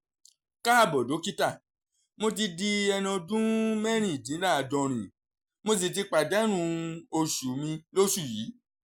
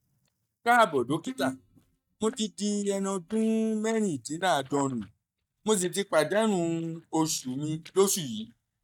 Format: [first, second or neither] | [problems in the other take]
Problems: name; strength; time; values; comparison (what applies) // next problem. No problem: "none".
first | noise reduction (neural mask model DeepFilterNet 3)